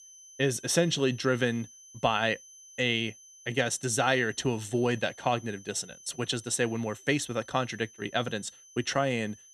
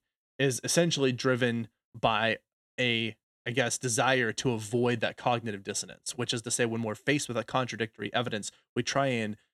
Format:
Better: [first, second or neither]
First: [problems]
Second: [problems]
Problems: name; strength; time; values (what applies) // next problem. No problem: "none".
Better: second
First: high-pitched whine; faint; throughout; 6 kHz, 20 dB below the speech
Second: none